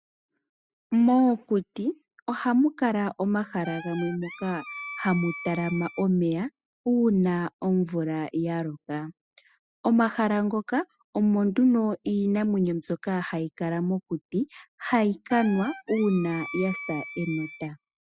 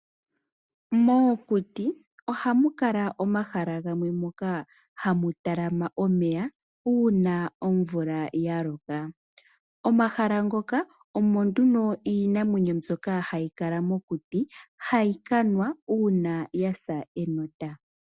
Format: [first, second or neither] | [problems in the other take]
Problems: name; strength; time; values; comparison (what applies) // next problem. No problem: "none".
second | noise reduction (classical method spectral subtraction)